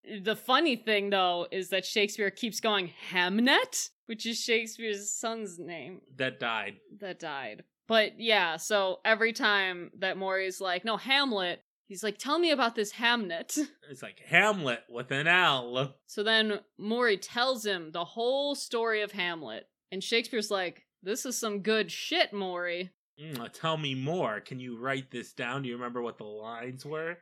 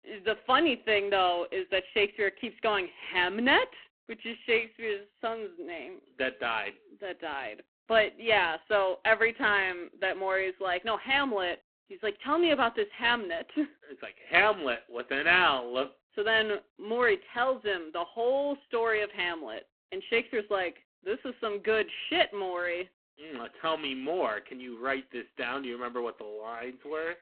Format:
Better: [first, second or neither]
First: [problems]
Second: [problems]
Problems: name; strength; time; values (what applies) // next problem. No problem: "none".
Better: first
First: none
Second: phone-call audio; poor line